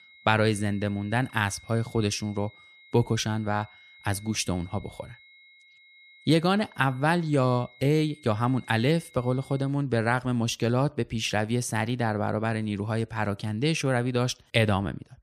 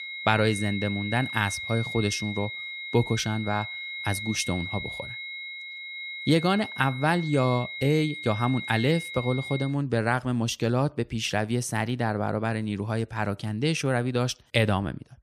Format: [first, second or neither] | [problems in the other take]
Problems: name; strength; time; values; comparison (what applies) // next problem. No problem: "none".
first | high-pitched whine; loud; until 9.5 s; 2 kHz, 7 dB below the speech; faint in the first